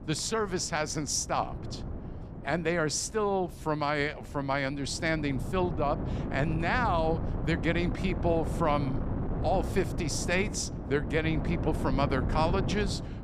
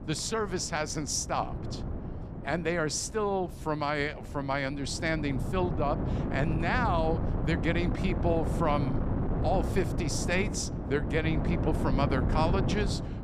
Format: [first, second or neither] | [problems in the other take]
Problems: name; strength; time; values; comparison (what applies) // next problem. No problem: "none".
first | wind noise on the microphone; heavy; 8 dB below the speech; occasional gusts in the first